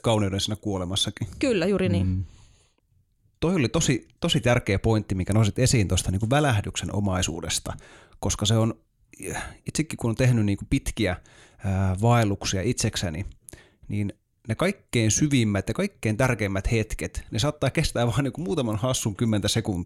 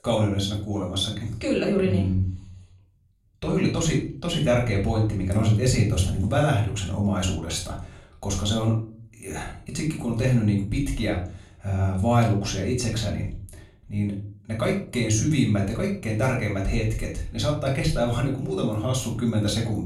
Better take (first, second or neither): first